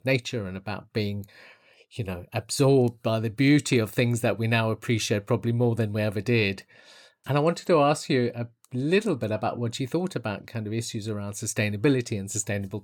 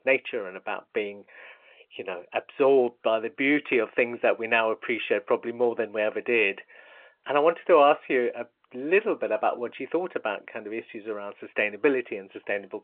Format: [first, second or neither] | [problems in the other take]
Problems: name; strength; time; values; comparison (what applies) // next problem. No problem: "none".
first | phone-call audio